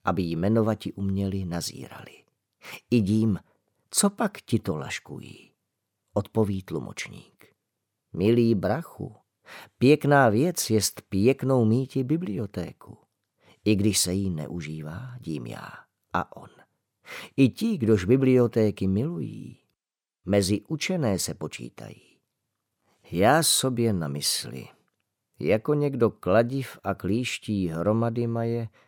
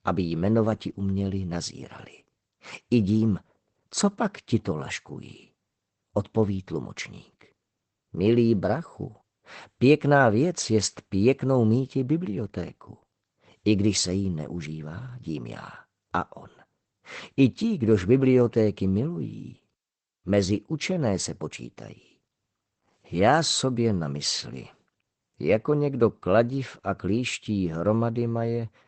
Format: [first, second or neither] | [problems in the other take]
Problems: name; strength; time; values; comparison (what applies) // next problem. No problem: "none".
first | garbled, watery; badly; nothing above 8 kHz